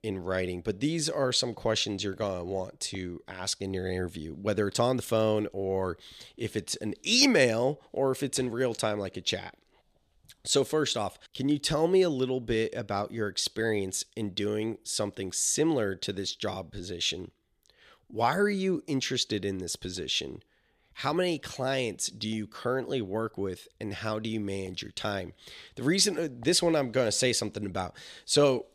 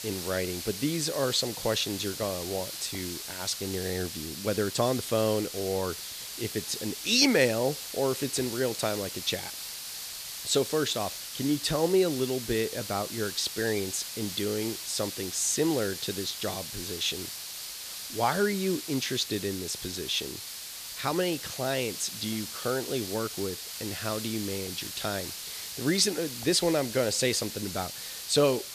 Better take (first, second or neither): first